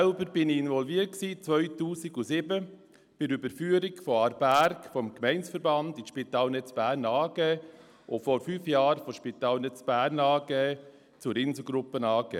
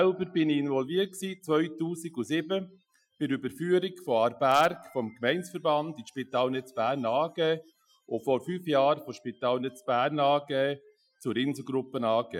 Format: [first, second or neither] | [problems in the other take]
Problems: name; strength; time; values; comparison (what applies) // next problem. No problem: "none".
first | noise reduction (classical method Wiener filter)